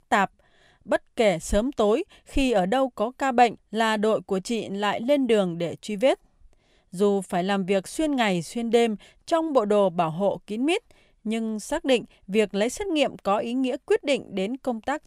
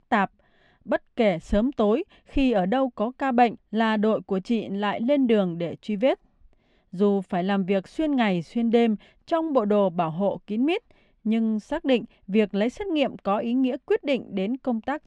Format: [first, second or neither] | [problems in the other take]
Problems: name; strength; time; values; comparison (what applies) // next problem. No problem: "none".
first | muffled; slightly; fading above 3.5 kHz